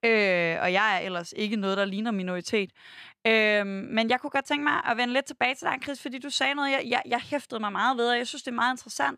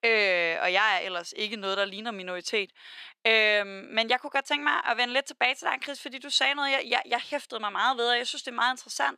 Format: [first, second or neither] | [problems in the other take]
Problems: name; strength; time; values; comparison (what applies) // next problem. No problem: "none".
first | thin; somewhat; fading below 400 Hz